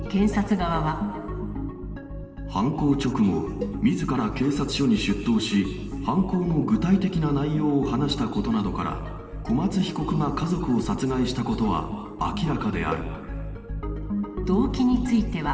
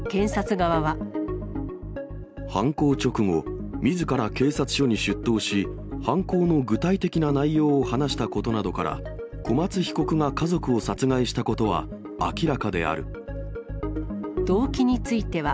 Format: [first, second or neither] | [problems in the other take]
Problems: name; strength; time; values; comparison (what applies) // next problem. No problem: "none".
second | background sound (Cowbell); 18 dB below the speech // room echo; dies away in 2 s